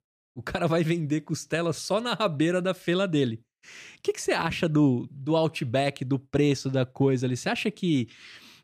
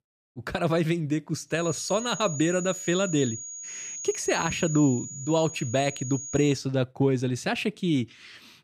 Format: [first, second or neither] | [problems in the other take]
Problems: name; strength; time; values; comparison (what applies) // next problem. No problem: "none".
first | high-pitched whine; loud; from 1.5 to 6.5 s; 7 kHz, 8 dB below the speech